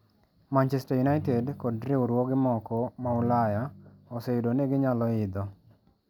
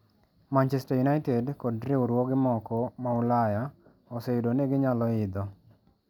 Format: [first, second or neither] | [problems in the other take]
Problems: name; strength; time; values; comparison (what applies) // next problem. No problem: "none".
second | background sound (Ringtone); 14 dB below the speech